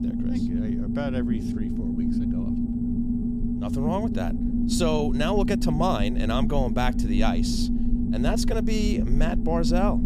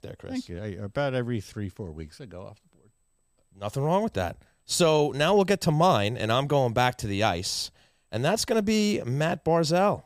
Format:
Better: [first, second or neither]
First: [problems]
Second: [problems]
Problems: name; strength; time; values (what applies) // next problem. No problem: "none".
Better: second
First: low rumble; loud; throughout; 4 dB below the speech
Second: none